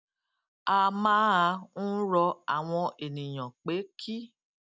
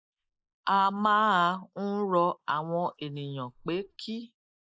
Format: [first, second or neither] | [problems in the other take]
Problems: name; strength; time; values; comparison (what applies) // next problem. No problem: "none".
first | noise reduction (neural mask model Resemble Enhance denoiser)